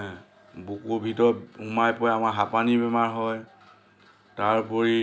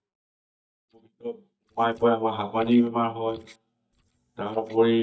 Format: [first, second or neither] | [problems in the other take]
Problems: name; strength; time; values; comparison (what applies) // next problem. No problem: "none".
first | noise reduction (neural mask model DeepFilterNet 3)